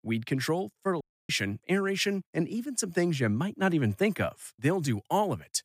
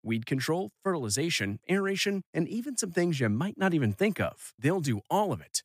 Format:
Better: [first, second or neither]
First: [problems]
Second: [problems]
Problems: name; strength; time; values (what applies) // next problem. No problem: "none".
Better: second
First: audio cutting out; at 1 s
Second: none